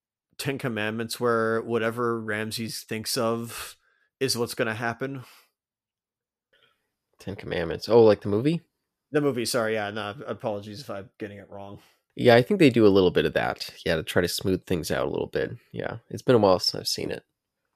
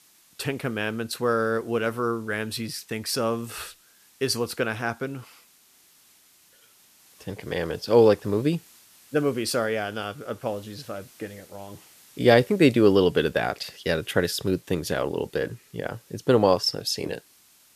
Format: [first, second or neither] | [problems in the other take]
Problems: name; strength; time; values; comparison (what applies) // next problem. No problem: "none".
first | hiss; faint; throughout; 30 dB below the speech